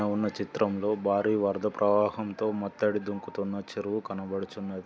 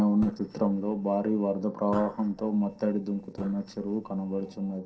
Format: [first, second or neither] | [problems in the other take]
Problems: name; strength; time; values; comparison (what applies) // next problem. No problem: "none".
first | noise reduction (neural separator model SepFormer DNS4)